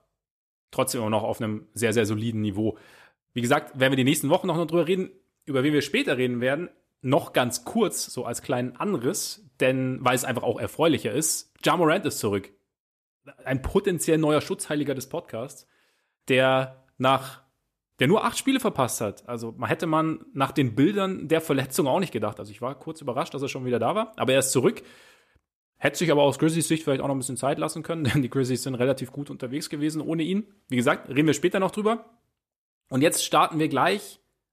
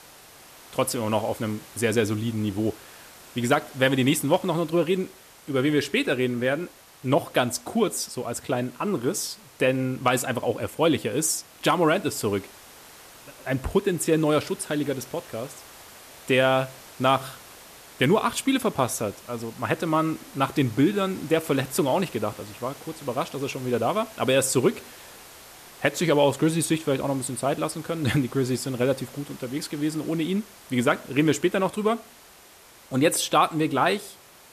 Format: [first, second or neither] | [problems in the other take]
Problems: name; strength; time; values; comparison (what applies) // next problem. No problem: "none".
first | hiss; faint; throughout; 20 dB below the speech